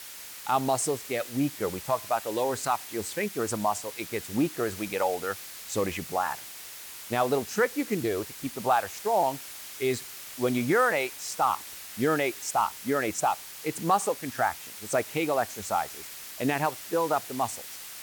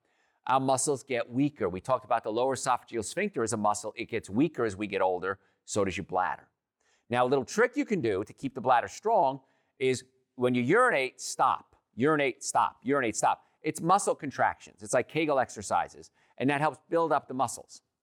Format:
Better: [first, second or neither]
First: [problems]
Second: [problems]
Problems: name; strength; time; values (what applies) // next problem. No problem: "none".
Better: second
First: hiss; noticeable; throughout; 10 dB below the speech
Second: none